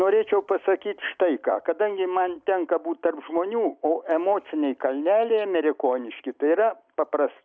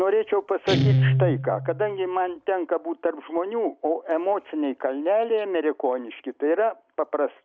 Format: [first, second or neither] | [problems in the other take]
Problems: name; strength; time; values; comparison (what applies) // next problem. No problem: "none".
first | background sound (Guitar); 5 dB below the speech